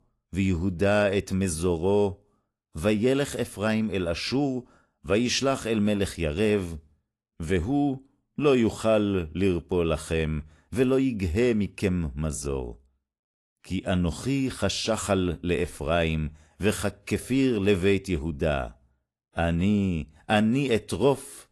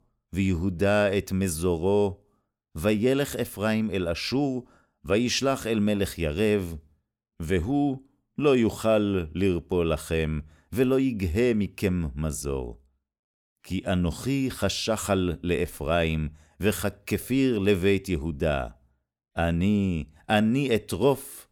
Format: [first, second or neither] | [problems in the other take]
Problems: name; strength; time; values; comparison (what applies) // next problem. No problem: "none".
second | garbled, watery; slightly; nothing above 11.5 kHz